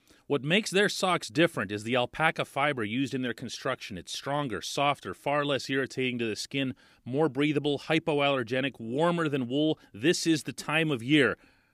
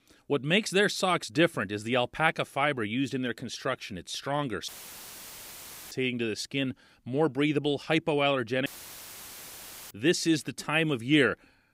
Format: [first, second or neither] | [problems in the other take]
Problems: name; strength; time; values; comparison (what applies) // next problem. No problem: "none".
first | audio cutting out; filled with static; at 4.5 s for 1 s and at 8.5 s for 1.5 s